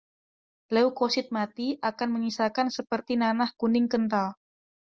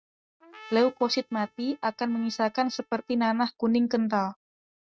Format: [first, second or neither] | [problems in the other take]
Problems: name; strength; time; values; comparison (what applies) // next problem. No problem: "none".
first | noise reduction (neural mask model RNNoise)